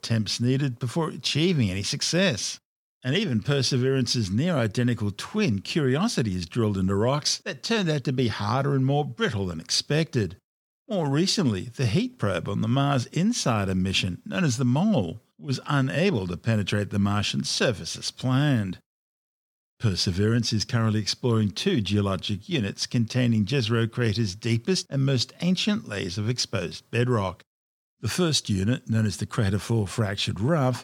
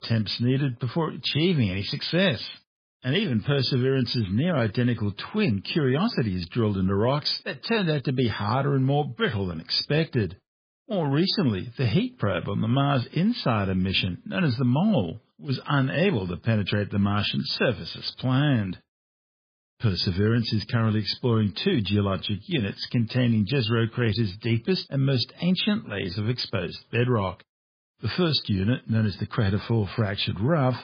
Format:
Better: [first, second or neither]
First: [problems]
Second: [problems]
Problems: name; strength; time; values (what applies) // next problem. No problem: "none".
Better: first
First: none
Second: garbled, watery; badly; nothing above 5 kHz